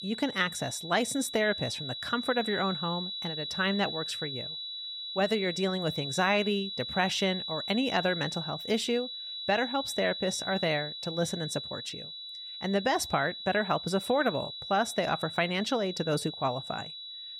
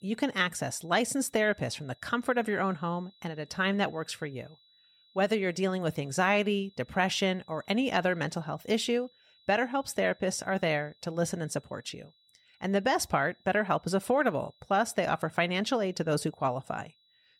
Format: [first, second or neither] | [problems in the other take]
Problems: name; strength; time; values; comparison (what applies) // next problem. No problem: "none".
second | high-pitched whine; loud; throughout; 4 kHz, 6 dB below the speech; faint in the second